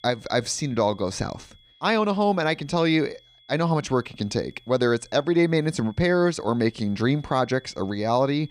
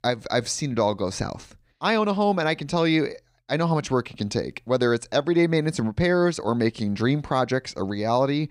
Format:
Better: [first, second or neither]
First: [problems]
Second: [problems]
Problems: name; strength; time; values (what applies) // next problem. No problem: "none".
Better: second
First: high-pitched whine; faint; throughout; 3.5 kHz, 30 dB below the speech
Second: none